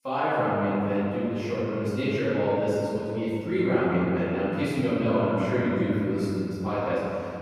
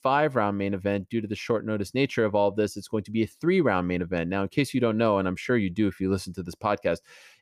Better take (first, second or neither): second